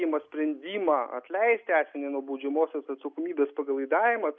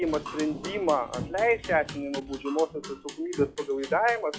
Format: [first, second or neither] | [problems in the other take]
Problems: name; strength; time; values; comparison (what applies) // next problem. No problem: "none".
first | noise reduction (classical method log-MMSE)